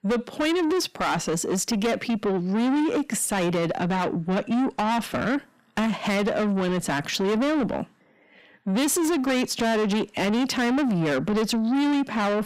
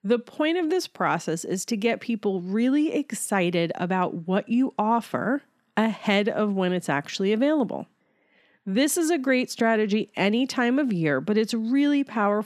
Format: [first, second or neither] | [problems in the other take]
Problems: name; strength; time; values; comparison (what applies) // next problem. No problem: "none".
second | distortion; heavy; 7 dB below the speech